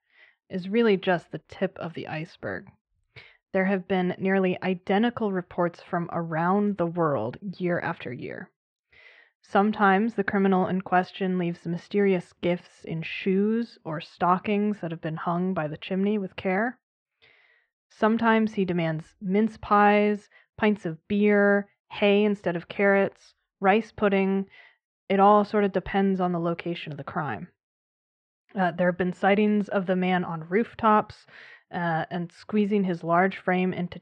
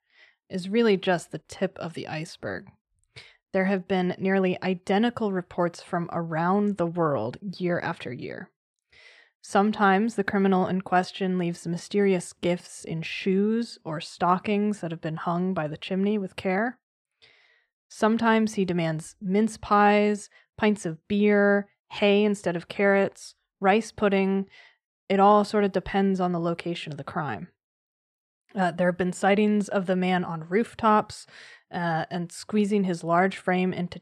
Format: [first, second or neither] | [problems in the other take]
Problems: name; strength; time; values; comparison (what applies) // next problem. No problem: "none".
second | muffled; slightly; fading above 2.5 kHz